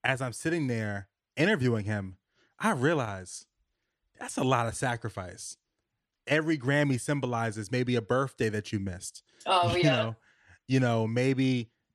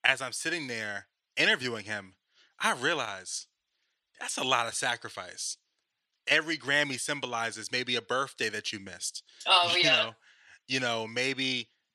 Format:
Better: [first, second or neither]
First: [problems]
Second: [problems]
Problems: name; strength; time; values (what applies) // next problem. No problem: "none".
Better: first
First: none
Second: thin; somewhat; fading below 900 Hz